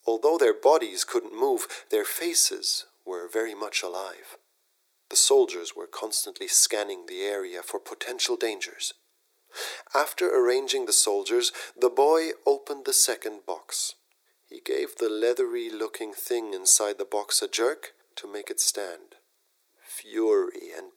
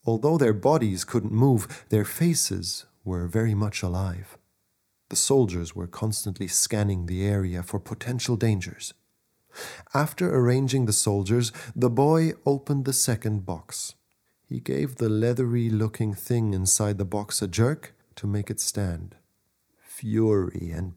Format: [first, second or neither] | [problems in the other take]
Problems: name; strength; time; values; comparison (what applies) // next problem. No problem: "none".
second | thin; very; fading below 350 Hz